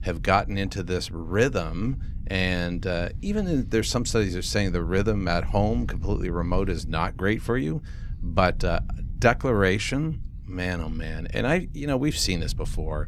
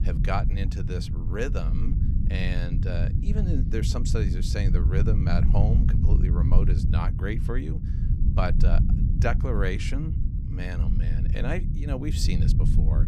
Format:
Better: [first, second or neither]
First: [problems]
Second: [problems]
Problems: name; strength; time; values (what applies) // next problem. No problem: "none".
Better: first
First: low rumble; faint; throughout; 25 dB below the speech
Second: low rumble; loud; throughout; 5 dB below the speech